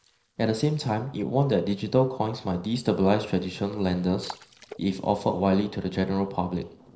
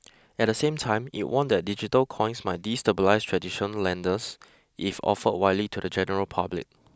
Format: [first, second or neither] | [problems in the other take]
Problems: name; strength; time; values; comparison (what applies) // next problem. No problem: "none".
second | noise reduction (neural separator model SepFormer DNS4)